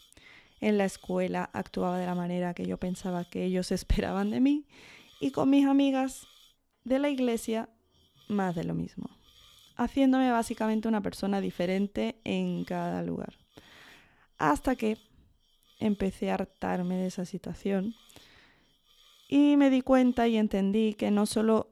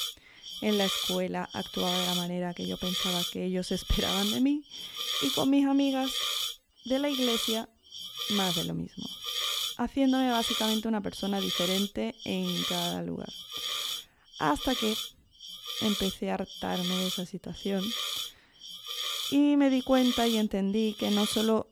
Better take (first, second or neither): first